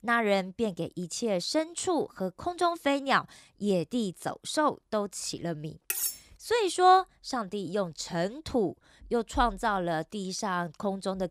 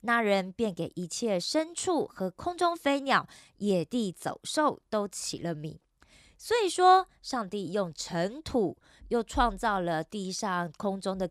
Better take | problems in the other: second | clattering dishes; noticeable; at 6 s; peak 1 dB below the speech

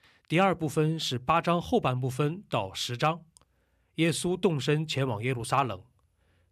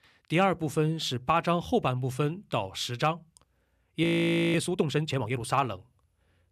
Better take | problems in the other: first | audio freezing; at 4 s for 0.5 s

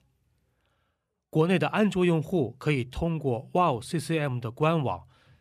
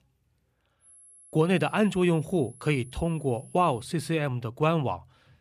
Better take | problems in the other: first | high-pitched whine; faint; from 1 to 4 s; 11 kHz, 25 dB below the speech

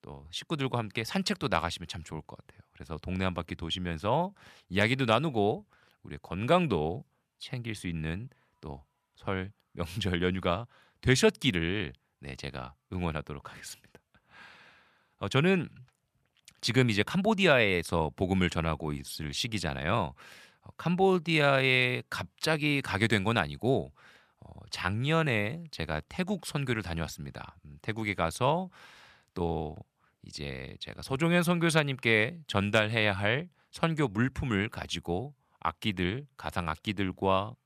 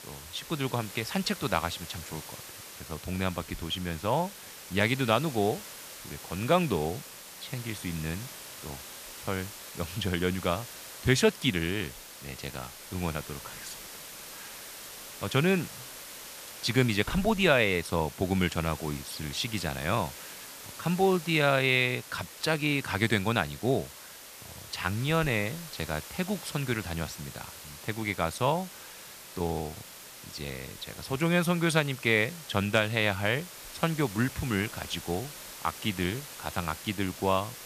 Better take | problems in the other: first | hiss; noticeable; throughout; 15 dB below the speech

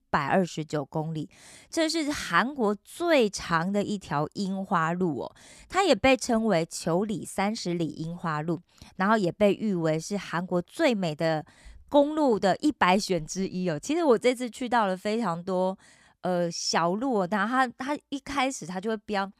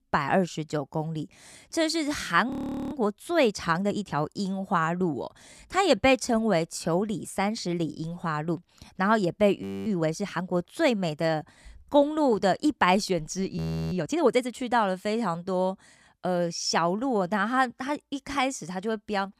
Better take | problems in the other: first | audio freezing; at 2.5 s, at 9.5 s and at 14 s

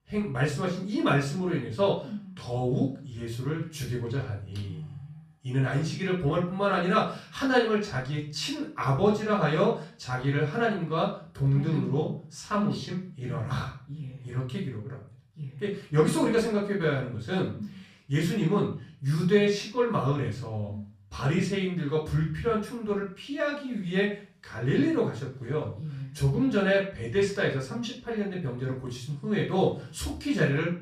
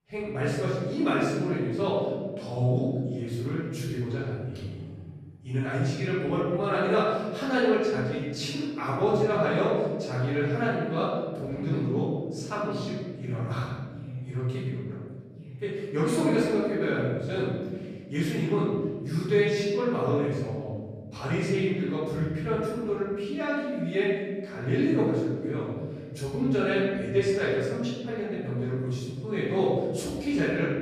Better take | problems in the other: first | room echo; strong; dies away in 1.7 s; slight in the first // off-mic speech; far; far in the first

